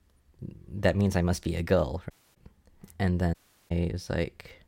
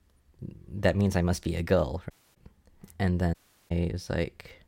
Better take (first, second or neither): neither